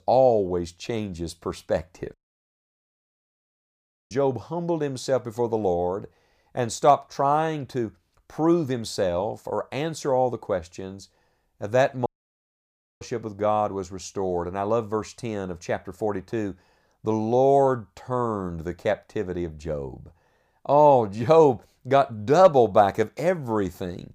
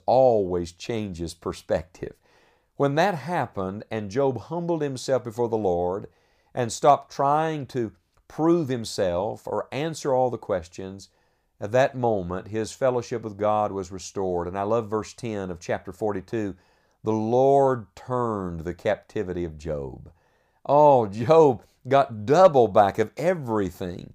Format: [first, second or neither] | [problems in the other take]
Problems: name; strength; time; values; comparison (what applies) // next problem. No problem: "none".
second | audio cutting out; at 2 s for 2 s and at 12 s for 1 s